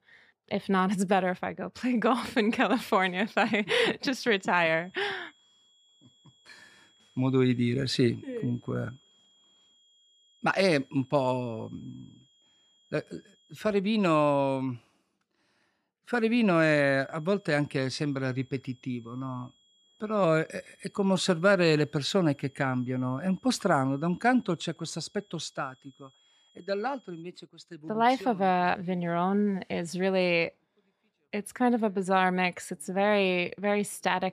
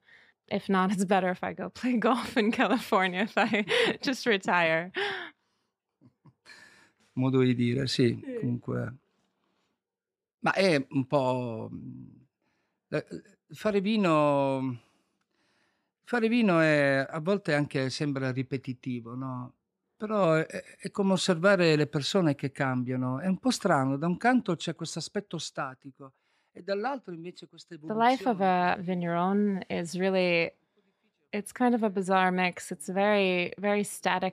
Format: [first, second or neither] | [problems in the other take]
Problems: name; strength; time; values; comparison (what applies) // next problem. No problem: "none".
second | high-pitched whine; faint; from 4.5 to 14 s and from 17 to 27 s; 3.5 kHz, 35 dB below the speech